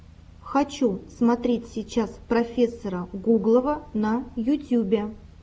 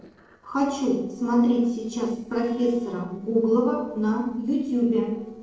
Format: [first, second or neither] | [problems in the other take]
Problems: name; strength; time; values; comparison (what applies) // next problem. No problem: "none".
first | noise reduction (neural separator model SepFormer DNS4)